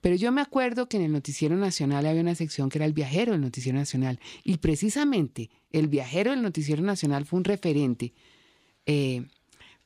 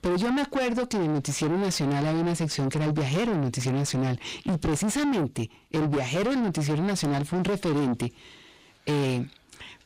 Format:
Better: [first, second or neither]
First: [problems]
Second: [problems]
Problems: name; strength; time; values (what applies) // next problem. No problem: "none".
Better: first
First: none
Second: distortion; heavy; 5 dB below the speech